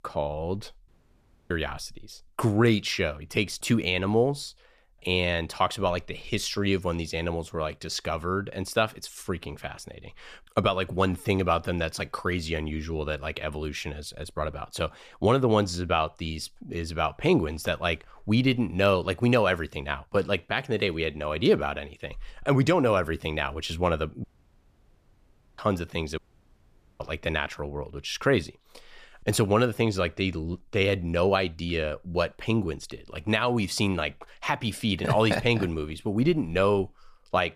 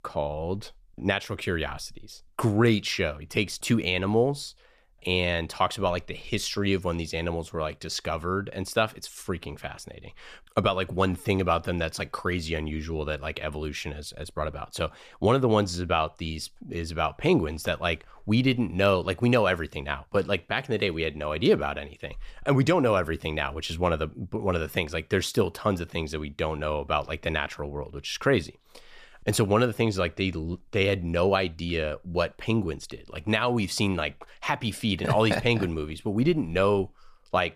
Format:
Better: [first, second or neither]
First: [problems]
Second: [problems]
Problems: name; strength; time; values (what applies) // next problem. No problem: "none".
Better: second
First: audio cutting out; at 1 s for 0.5 s, at 24 s for 1.5 s and at 26 s for 1 s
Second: none